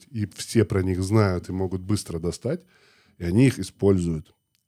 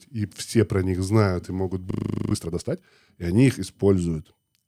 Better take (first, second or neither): first